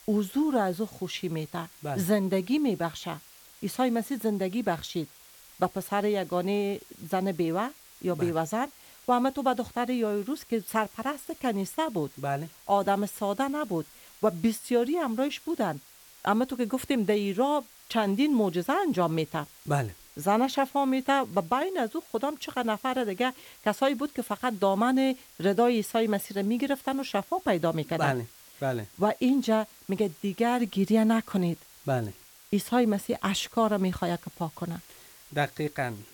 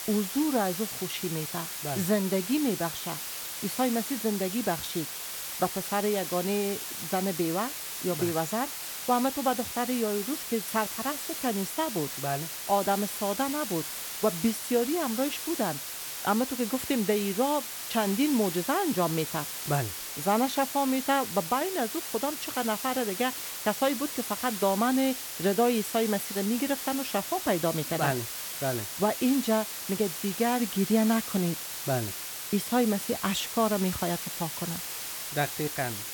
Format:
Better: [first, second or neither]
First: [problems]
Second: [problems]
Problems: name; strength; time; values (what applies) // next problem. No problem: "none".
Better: first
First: hiss; faint; throughout; 20 dB below the speech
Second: hiss; loud; throughout; 5 dB below the speech